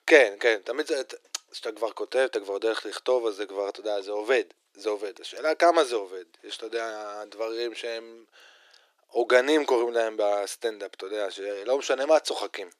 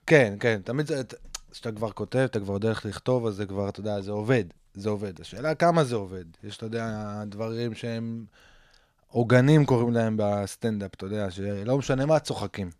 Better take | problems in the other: second | thin; very; fading below 350 Hz

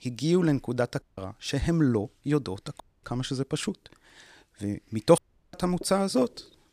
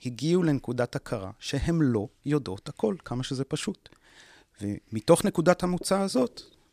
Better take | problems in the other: second | audio cutting out; at 1 s, at 3 s and at 5 s

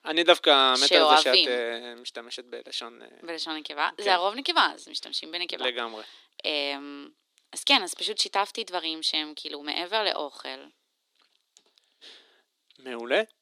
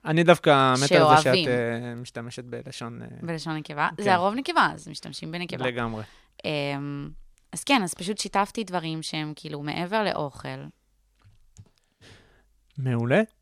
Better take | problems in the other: second | thin; somewhat; fading below 300 Hz

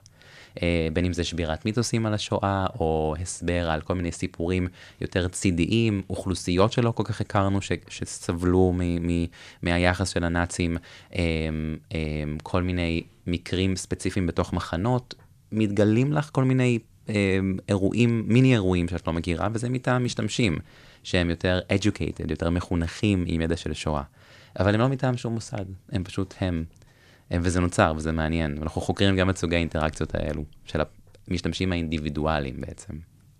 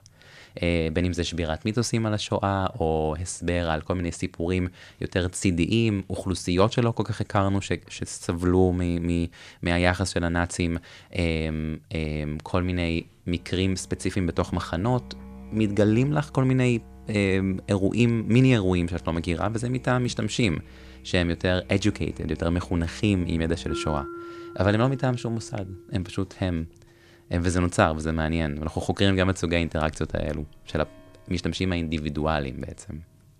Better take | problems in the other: first | background music; noticeable; from 13 s on; 20 dB below the speech

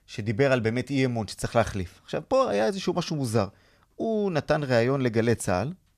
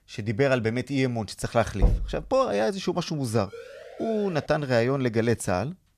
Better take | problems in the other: first | door banging; noticeable; at 2 s; peak level with the speech // siren; faint; at 3.5 s; peak 15 dB below the speech

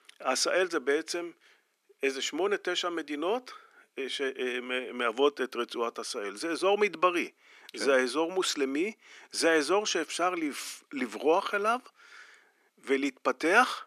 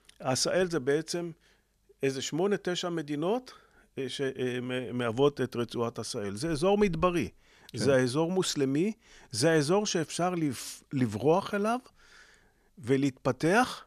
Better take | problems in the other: second | thin; somewhat; fading below 250 Hz

